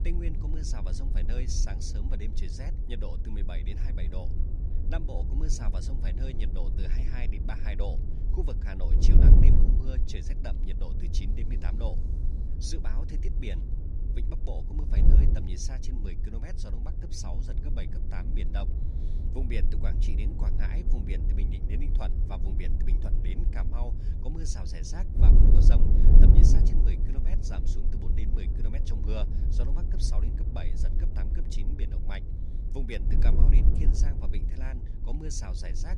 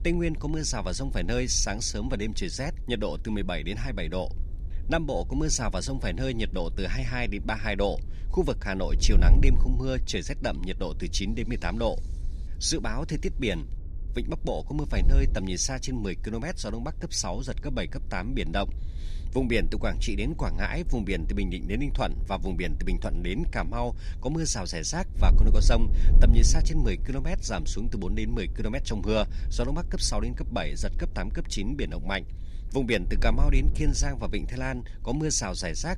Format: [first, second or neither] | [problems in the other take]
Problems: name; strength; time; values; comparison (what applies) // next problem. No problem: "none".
second | wind noise on the microphone; heavy; 1 dB below the speech; occasional gusts in the second